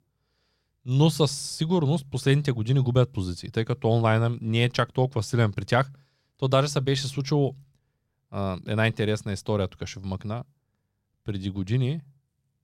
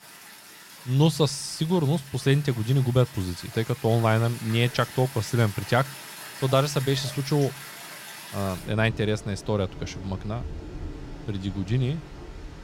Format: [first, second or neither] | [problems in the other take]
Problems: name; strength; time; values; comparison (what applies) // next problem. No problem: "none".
first | rain or running water; noticeable; throughout; 15 dB below the speech